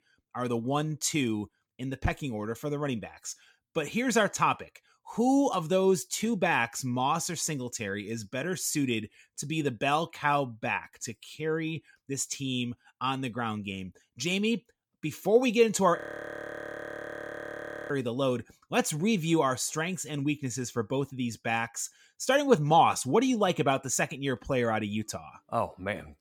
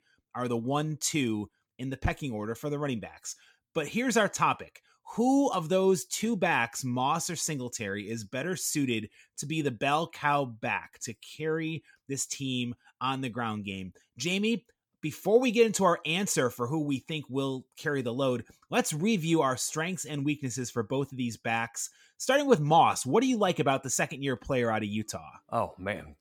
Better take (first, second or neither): second